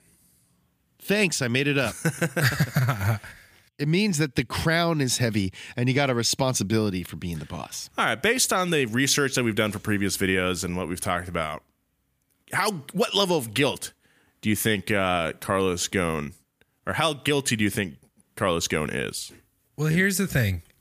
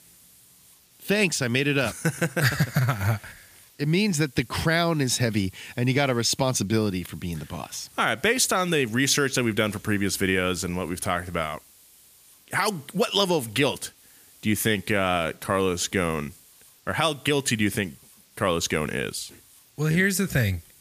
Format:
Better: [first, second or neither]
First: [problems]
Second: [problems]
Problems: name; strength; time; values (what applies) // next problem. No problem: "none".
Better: first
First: none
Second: hiss; faint; throughout; 25 dB below the speech